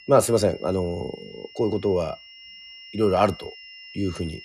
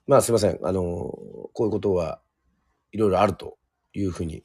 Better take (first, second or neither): second